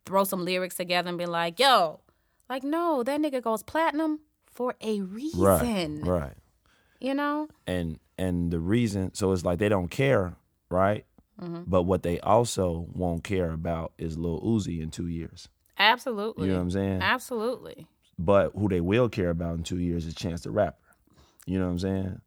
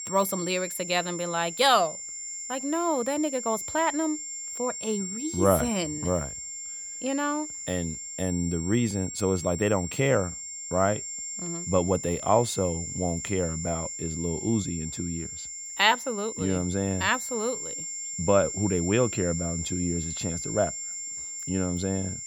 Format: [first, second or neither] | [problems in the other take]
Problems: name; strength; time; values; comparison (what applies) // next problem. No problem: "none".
first | high-pitched whine; loud; throughout; 7.5 kHz, 6 dB below the speech